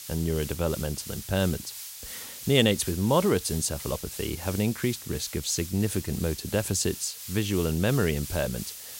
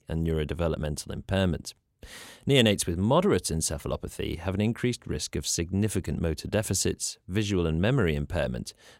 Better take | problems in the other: second | hiss; loud; throughout; 10 dB below the speech

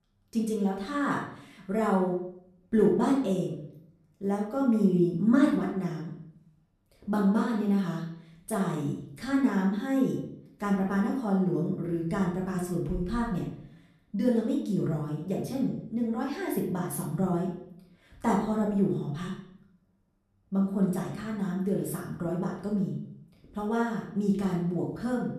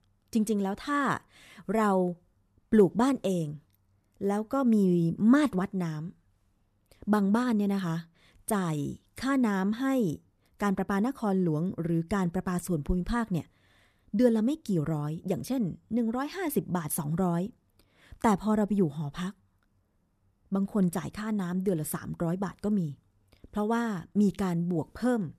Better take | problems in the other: second | off-mic speech; far // room echo; noticeable; dies away in 0.6 s

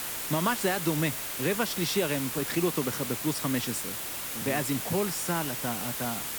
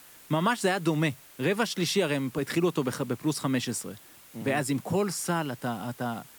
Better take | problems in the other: second | hiss; loud; throughout; 2 dB below the speech; faint in the second

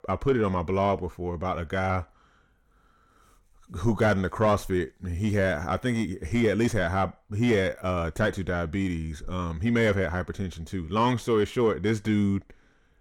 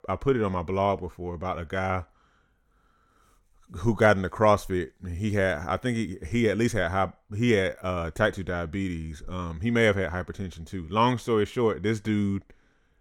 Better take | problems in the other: second | distortion; slight; 10 dB below the speech

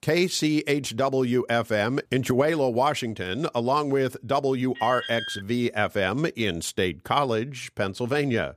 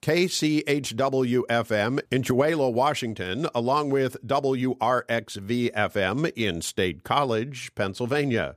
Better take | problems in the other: second | alarm; noticeable; at 5 s; peak 6 dB below the speech

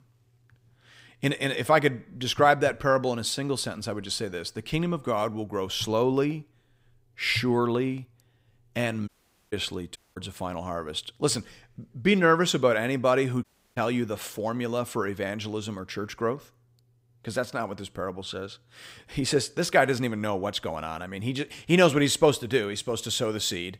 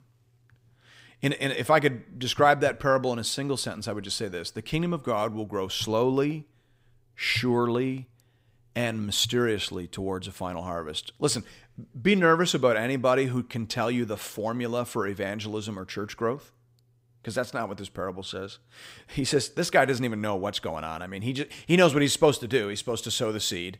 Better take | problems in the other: second | audio cutting out; at 9 s, at 10 s and at 13 s

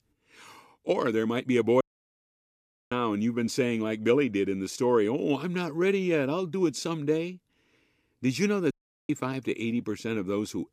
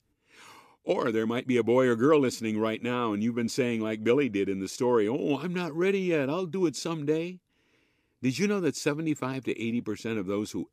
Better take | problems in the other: second | audio cutting out; at 2 s for 1 s and at 8.5 s

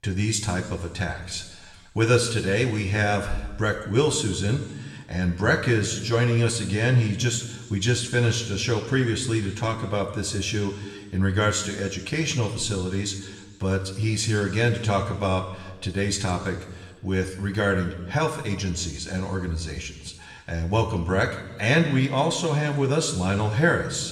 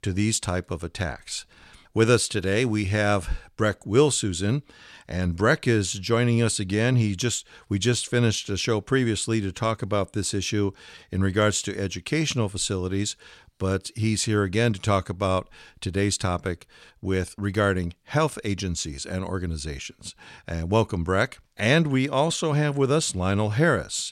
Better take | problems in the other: second | room echo; slight; dies away in 1.1 s // off-mic speech; somewhat distant

